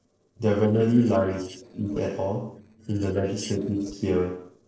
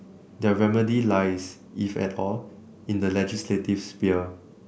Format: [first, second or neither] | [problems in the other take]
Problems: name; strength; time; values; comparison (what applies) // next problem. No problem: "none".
second | noise reduction (neural separator model SepFormer DNS4)